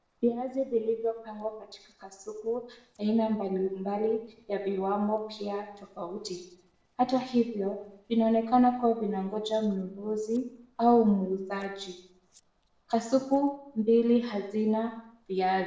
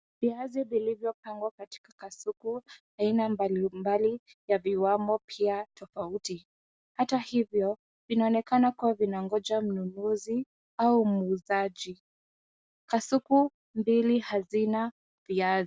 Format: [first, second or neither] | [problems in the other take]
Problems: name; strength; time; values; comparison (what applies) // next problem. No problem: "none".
second | noise reduction (neural separator model SepFormer DNS4)